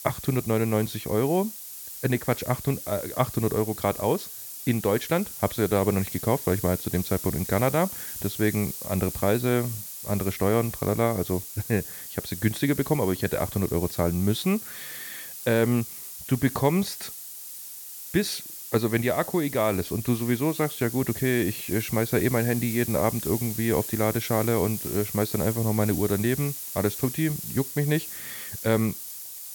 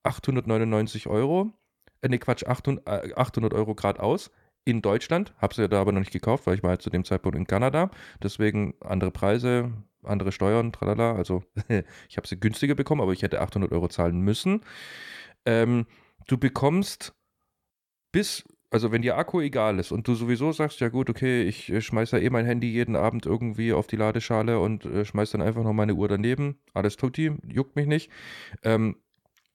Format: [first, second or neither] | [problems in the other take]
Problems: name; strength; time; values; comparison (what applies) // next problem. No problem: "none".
second | hiss; loud; throughout; 8 dB below the speech